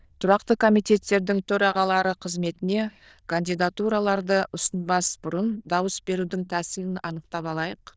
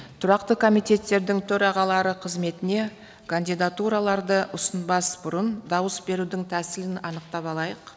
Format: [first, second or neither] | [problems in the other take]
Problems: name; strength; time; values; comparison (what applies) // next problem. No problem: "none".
second | noise reduction (neural diffusion model UNIVERSE++)